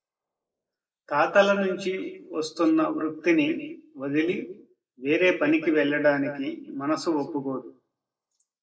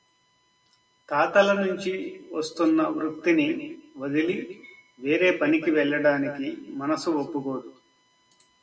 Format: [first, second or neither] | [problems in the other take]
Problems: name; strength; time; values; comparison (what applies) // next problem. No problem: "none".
second | noise reduction (neural mask model Resemble Enhance denoiser)